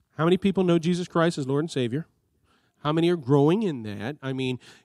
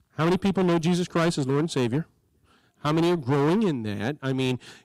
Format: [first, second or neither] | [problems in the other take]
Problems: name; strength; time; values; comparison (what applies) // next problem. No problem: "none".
first | distortion; heavy; 19% of the sound clipped